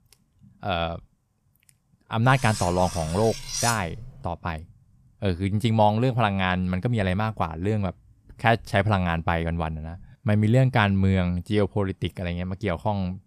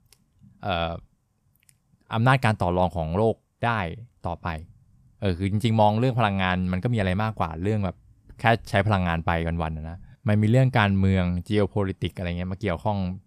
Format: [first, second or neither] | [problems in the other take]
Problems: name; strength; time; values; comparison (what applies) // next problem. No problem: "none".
second | clattering dishes; noticeable; from 2.5 to 4 s; peak 3 dB below the speech